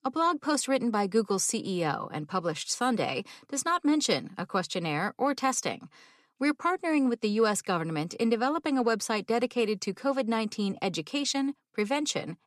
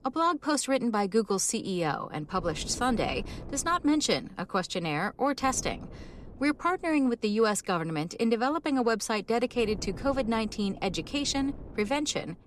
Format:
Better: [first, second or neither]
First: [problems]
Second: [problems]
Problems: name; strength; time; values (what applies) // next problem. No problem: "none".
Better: first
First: none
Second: wind noise on the microphone; occasional gusts; 20 dB below the speech